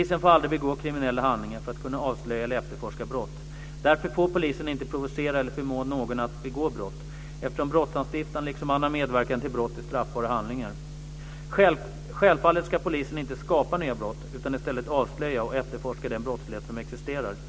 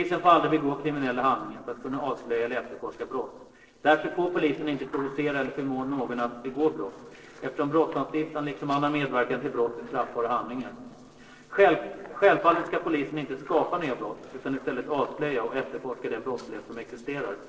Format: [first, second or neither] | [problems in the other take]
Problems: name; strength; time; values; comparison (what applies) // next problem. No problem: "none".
first | noise reduction (neural separator model SepFormer DNS4)